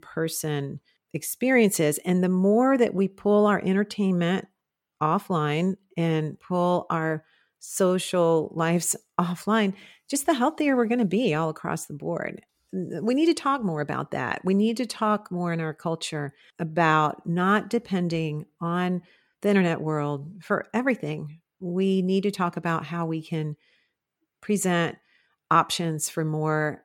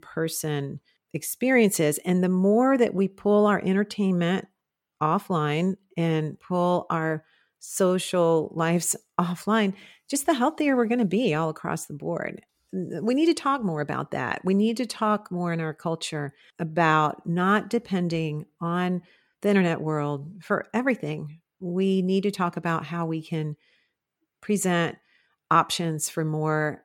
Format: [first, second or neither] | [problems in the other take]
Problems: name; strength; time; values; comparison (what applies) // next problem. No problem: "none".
neither | none